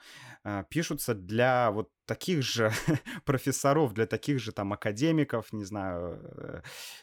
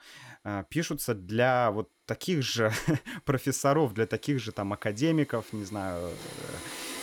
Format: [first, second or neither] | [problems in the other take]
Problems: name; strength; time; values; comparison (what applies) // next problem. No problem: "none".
first | household noises; noticeable; throughout; 15 dB below the speech